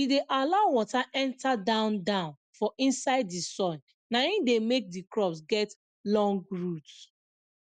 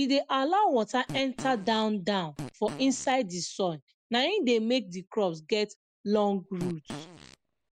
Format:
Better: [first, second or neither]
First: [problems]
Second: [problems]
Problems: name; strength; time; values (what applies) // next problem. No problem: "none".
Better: first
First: none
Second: background sound (Fart); 15 dB below the speech